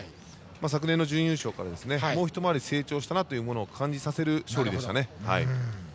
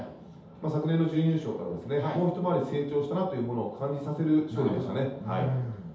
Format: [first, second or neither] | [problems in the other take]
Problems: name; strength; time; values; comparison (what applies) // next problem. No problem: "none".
first | room echo; dies away in 0.8 s